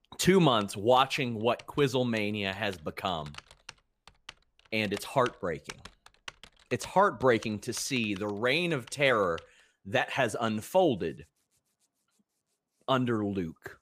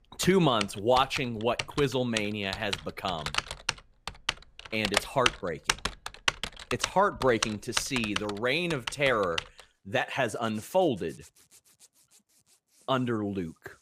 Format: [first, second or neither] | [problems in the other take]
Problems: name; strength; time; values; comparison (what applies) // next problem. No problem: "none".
first | household noises; loud; throughout; 5 dB below the speech; faint in the first